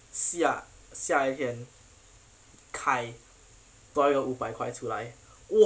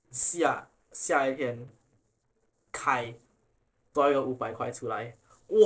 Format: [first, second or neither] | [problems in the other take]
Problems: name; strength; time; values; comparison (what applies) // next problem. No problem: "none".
first | noise reduction (neural separator model SepFormer DNS4)